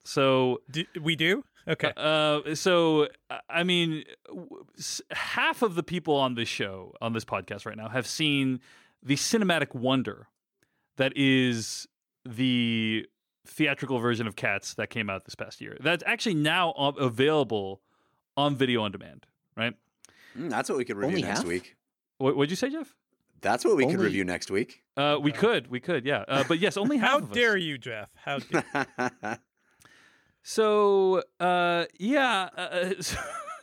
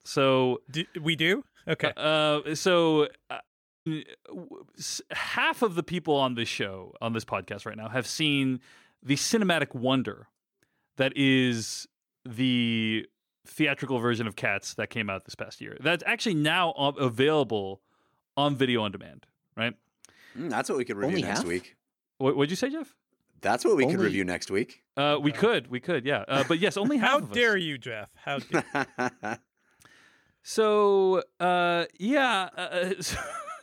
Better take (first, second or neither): first